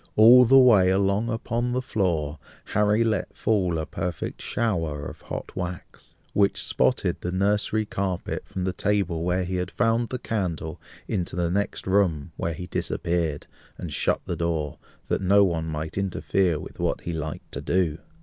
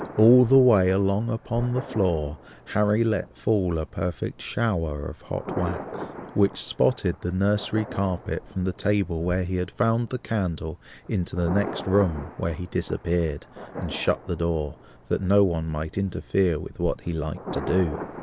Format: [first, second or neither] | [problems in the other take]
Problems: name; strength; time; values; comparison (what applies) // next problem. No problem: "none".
first | background sound (Thunder); 15 dB below the speech